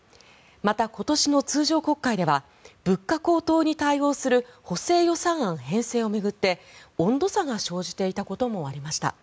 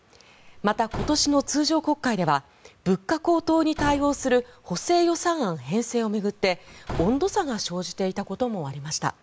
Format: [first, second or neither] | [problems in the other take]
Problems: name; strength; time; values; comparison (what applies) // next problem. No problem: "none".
first | background sound (Slam / Wood); 15 dB below the speech